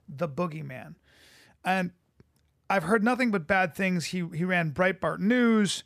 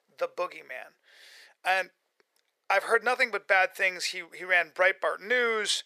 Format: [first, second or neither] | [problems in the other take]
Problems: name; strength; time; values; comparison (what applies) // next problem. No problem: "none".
first | thin; very; fading below 450 Hz